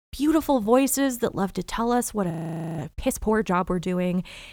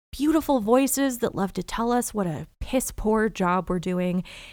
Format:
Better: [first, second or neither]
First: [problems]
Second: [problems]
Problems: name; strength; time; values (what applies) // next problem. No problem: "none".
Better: second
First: audio freezing; at 2.5 s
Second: none